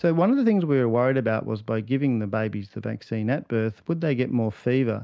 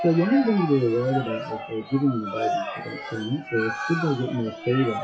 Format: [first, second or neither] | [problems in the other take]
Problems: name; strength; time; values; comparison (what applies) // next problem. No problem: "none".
first | noise reduction (classical method WPE with log-MMSE)